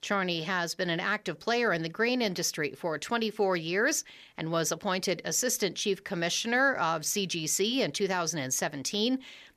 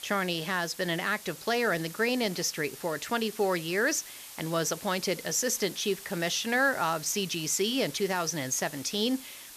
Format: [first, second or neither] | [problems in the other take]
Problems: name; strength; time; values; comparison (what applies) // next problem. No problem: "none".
first | hiss; noticeable; throughout; 15 dB below the speech